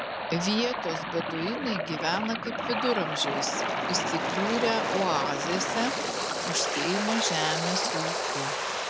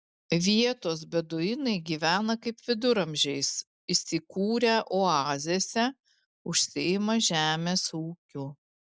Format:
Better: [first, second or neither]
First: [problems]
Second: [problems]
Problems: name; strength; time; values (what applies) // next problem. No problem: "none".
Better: second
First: background sound (Waves, surf); 1 dB above the speech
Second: none